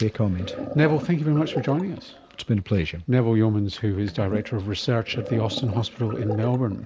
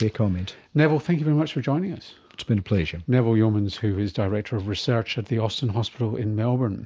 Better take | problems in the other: second | background sound (Sink (filling or washing)); 13 dB below the speech

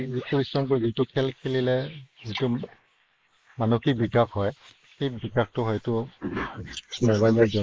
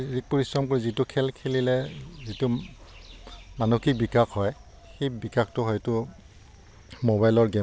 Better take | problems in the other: second | noise reduction (neural mask model Resemble Enhance denoiser)

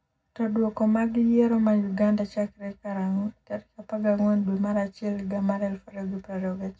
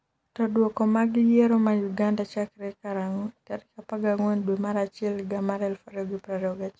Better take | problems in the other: second | room echo; dies away in 0.3 s

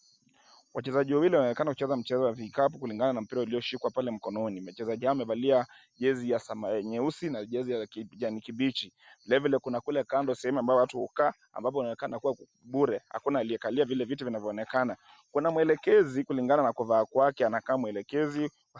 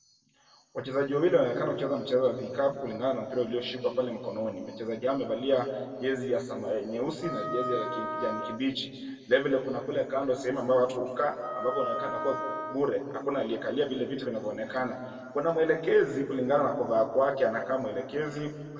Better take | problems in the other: first | background sound (Wind instrument, woodwind instrument); 6 dB below the speech // room echo; dies away in 1.6 s

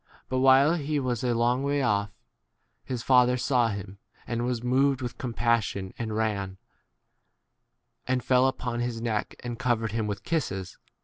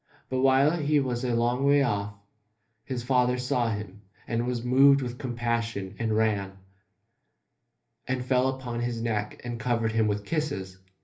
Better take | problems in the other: first | room echo; dies away in 0.3 s

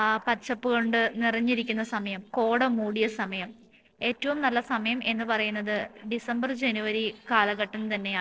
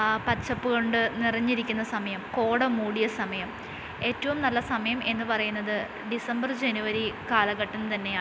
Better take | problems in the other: second | noise reduction (neural separator model SepFormer DNS4)

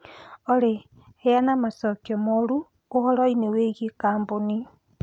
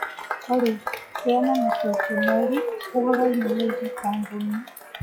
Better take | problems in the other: first | noise reduction (classical method log-MMSE)

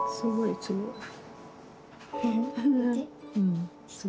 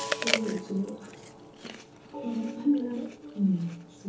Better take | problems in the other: first | background sound (Chewing, mastication); 6 dB below the speech // room echo; dies away in 1.2 s

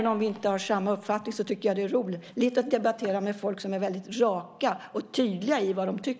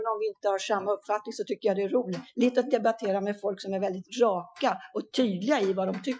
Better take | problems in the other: first | noise reduction (classical method Wiener filter)

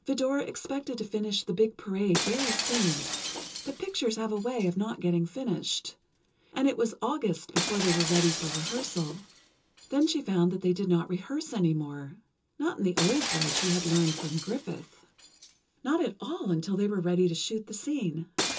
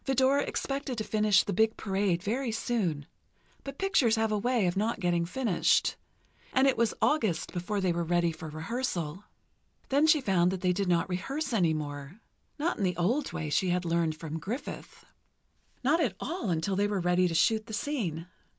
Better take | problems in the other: second | background sound (Shatter); 7 dB below the speech // room echo; dies away in 0.2 s

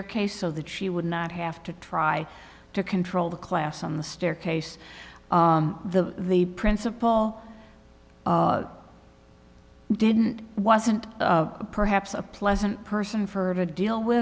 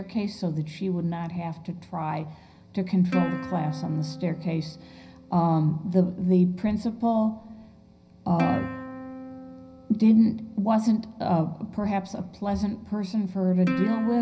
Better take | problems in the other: first | background sound (Plucked string instrument); 13 dB below the speech // room echo; dies away in 0.4 s

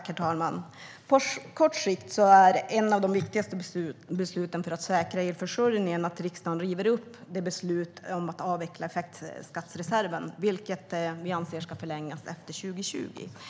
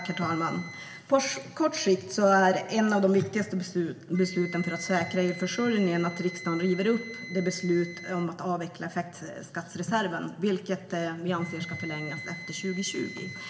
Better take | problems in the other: first | background sound (Wind instrument, woodwind instrument); 15 dB below the speech // room echo; dies away in 1.3 s

